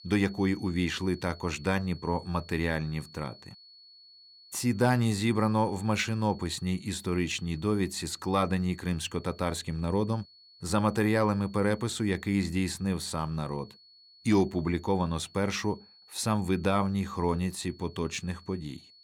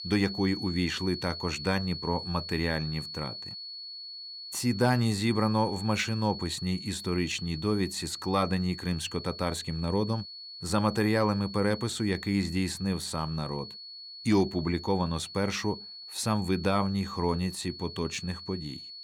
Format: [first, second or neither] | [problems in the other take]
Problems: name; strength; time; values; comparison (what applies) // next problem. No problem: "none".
first | high-pitched whine; loud; throughout; 4.5 kHz, 10 dB below the speech; faint in the first